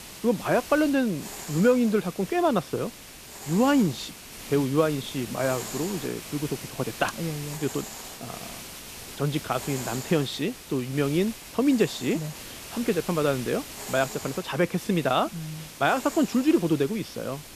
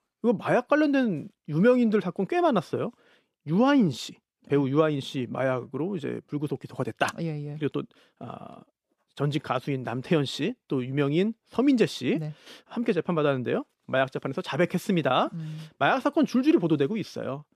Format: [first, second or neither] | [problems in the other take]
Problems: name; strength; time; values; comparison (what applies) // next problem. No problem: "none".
second | hiss; noticeable; throughout; 10 dB below the speech